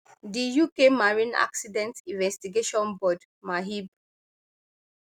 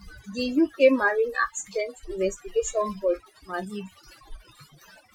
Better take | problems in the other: first | noise reduction (classical method Wiener filter)

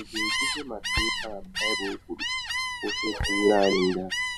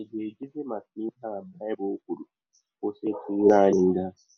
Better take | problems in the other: second | background sound (Gull, seagull); 1 dB below the speech

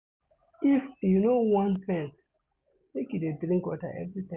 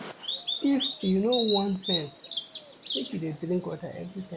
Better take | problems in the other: first | background sound (Bird vocalization, bird call, bird song); 5 dB below the speech

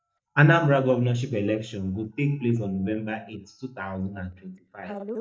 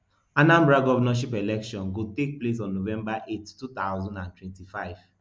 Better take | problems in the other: second | noise reduction (neural mask model DeepFilterNet 3)

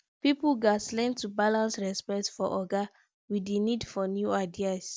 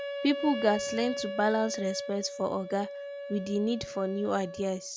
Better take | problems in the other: first | background sound (Wind instrument, woodwind instrument); 8 dB below the speech

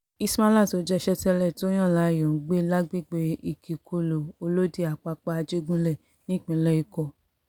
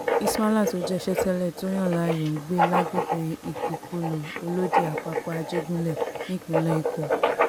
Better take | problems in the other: first | background sound (Writing); as loud as the speech

